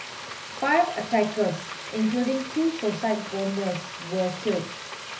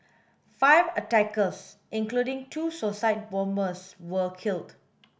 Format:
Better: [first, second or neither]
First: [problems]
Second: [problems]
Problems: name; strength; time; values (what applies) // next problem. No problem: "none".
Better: second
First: background sound (Frying (food)); 10 dB below the speech // room echo; dies away in 0.4 s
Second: none